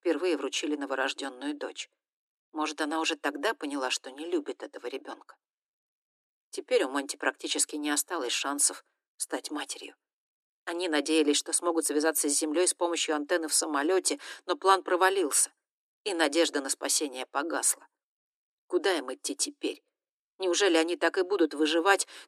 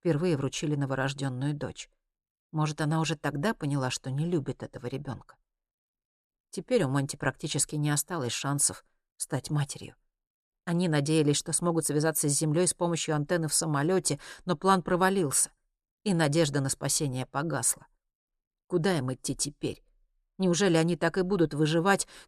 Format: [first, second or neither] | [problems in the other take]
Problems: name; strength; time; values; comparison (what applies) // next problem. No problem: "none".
second | thin; somewhat; fading below 300 Hz